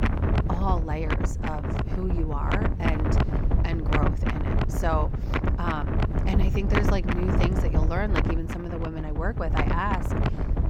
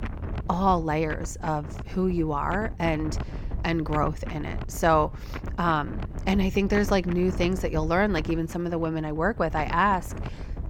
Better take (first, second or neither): second